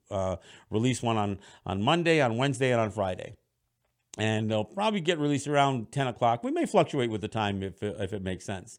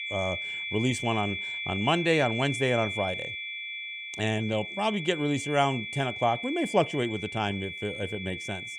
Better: first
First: none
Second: high-pitched whine; loud; throughout; 2.5 kHz, 5 dB below the speech

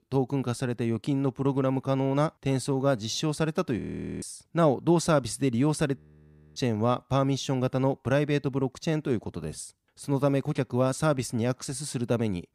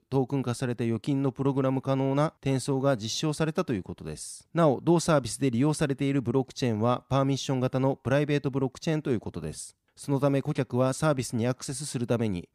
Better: second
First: audio freezing; at 4 s and at 6 s for 0.5 s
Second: none

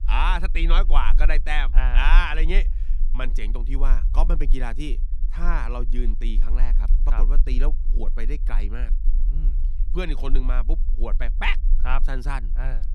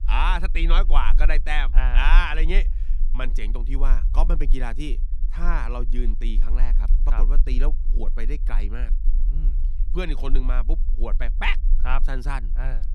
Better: neither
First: low rumble; faint; throughout; 20 dB below the speech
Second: low rumble; faint; throughout; 20 dB below the speech

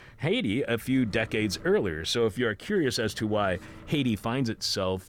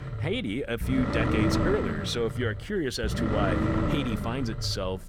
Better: first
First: low rumble; faint; throughout; 25 dB below the speech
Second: low rumble; loud; throughout; as loud as the speech

